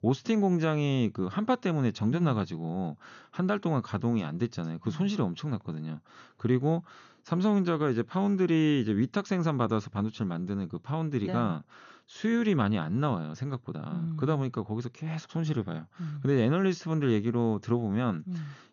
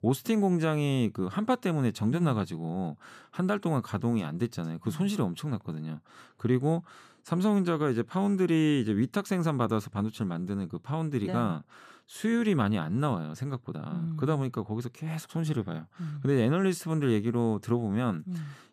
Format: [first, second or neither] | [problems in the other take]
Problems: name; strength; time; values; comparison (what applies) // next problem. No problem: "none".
second | garbled, watery; slightly; nothing above 6.5 kHz